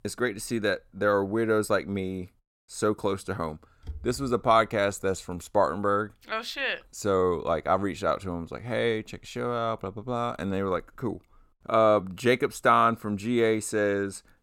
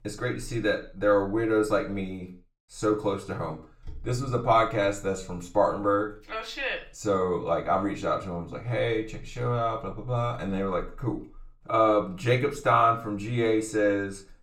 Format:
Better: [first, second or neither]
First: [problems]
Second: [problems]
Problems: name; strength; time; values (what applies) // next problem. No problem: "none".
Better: first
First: none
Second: room echo; slight; dies away in 0.3 s // off-mic speech; far